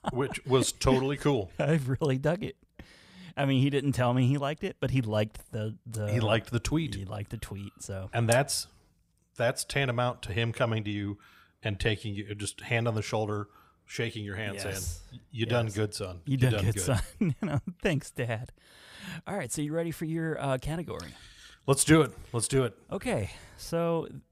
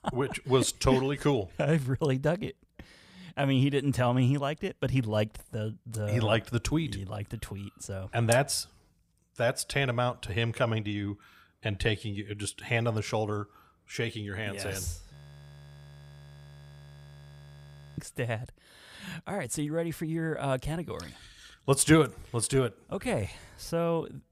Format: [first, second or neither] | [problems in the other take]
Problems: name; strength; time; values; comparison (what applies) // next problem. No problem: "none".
first | audio freezing; at 15 s for 3 s